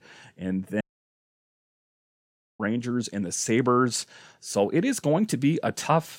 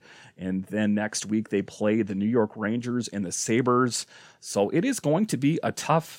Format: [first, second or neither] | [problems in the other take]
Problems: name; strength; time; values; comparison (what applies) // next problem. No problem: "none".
second | audio cutting out; at 1 s for 2 s